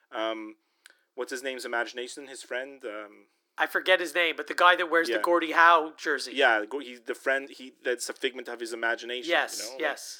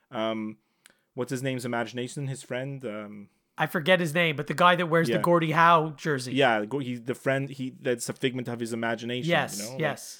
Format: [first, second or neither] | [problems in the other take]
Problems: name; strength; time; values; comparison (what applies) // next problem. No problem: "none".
second | thin; very; fading below 300 Hz